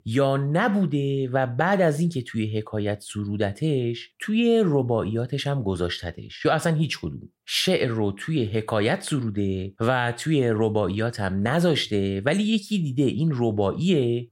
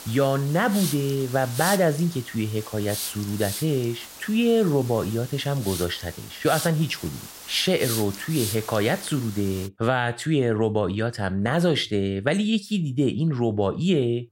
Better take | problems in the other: first | hiss; loud; until 9.5 s; 10 dB below the speech

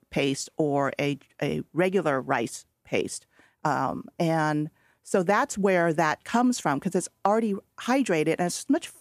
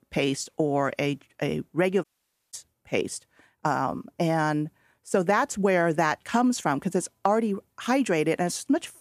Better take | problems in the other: first | audio cutting out; at 2 s

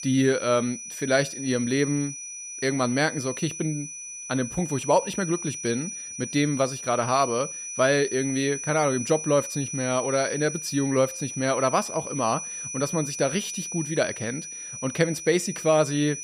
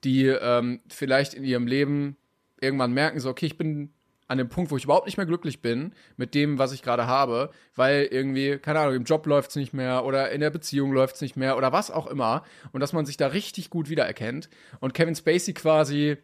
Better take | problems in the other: second | high-pitched whine; loud; throughout; 6 kHz, 7 dB below the speech

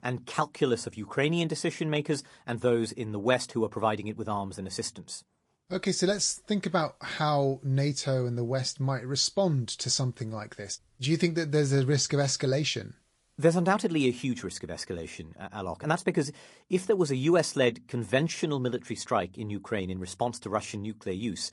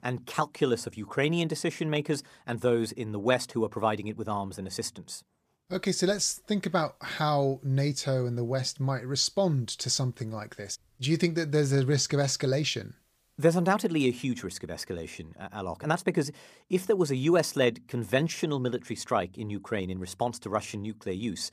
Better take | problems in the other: second | garbled, watery; slightly

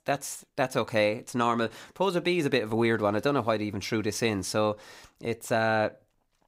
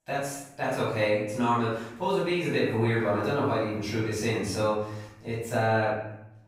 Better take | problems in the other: first | off-mic speech; far // room echo; noticeable; dies away in 0.7 s

